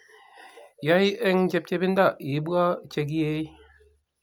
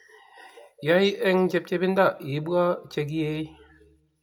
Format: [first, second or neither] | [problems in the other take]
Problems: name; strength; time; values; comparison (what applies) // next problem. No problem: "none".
first | room echo; dies away in 0.4 s